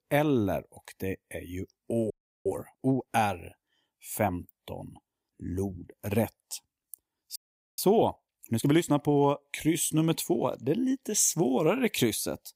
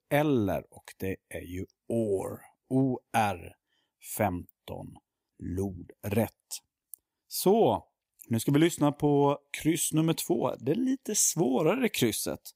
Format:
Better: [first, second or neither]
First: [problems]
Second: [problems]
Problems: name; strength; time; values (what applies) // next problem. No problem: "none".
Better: second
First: audio freezing; at 2 s and at 7.5 s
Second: none